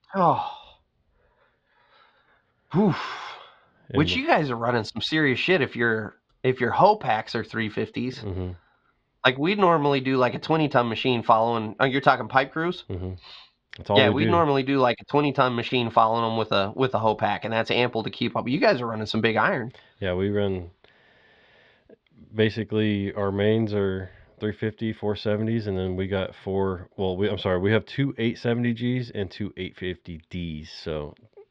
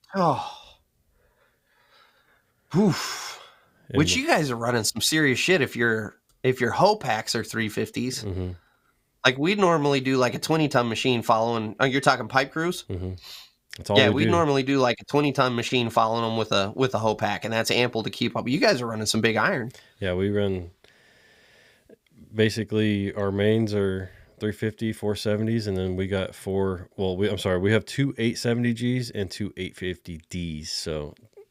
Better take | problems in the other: second | muffled; slightly; fading above 4 kHz

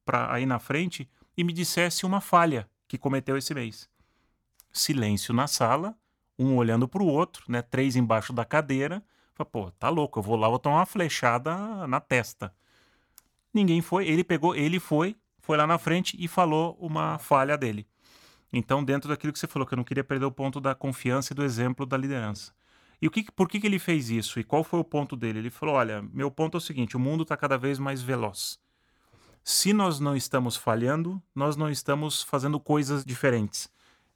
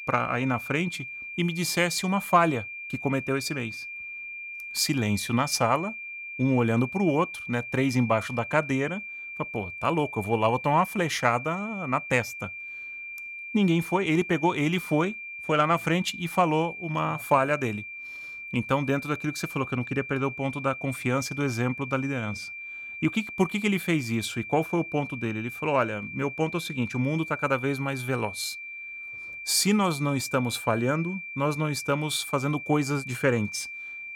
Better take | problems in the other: first | high-pitched whine; loud; throughout; 2.5 kHz, 9 dB below the speech

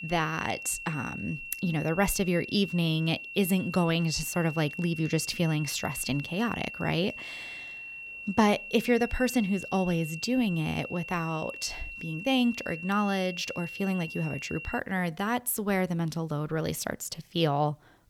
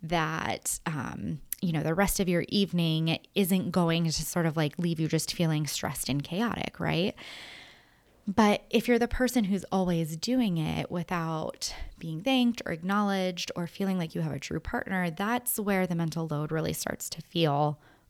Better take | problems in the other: second | high-pitched whine; loud; until 15 s; 2.5 kHz, 10 dB below the speech

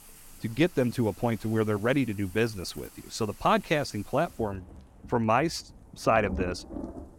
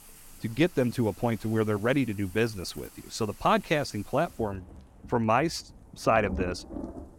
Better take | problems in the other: neither | rain or running water; noticeable; throughout; 15 dB below the speech; the same in both

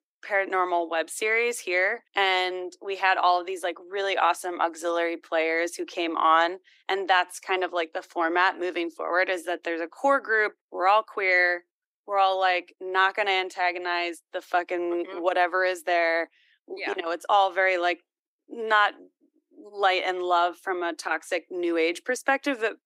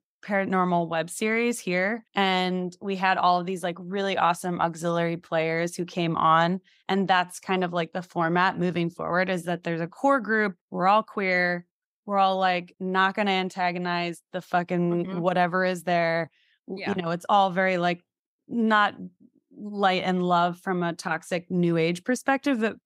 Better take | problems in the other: second | thin; very; fading below 300 Hz

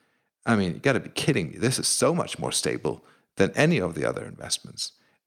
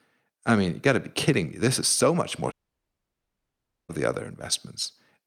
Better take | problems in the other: first | audio cutting out; at 2.5 s for 1.5 s

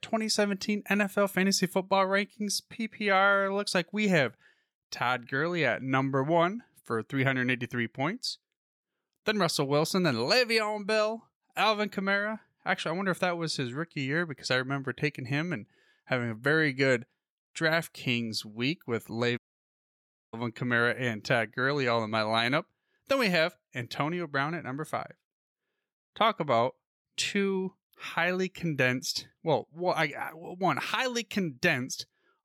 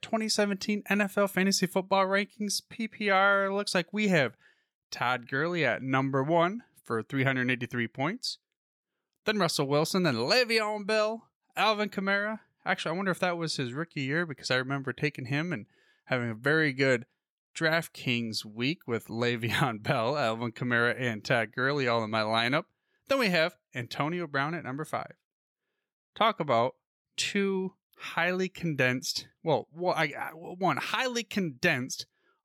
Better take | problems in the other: second | audio cutting out; at 19 s for 1 s

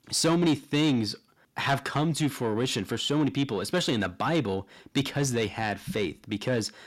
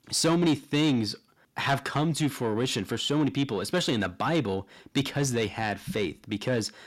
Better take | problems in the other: neither | distortion; slight; 10 dB below the speech; the same in both

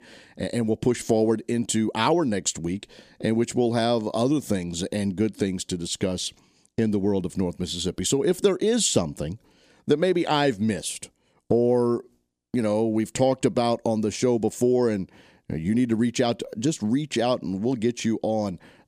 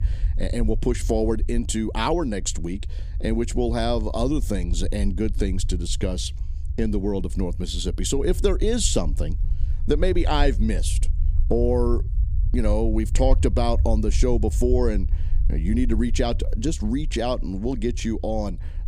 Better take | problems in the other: first | low rumble; faint; throughout; 20 dB below the speech

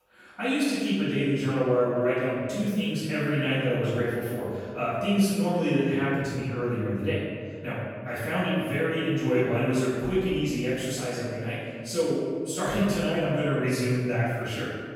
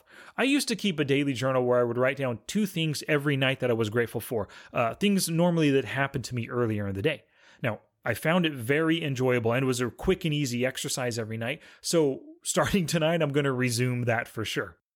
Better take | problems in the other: second | off-mic speech; far // room echo; strong; dies away in 1.7 s

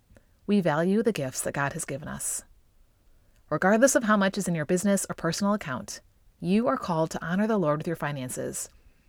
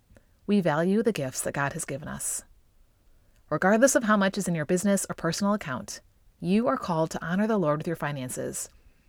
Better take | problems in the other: neither | none

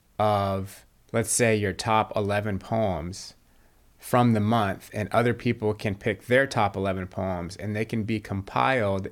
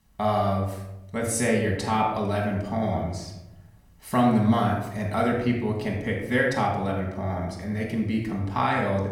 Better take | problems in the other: first | off-mic speech; somewhat distant // room echo; noticeable; dies away in 0.8 s

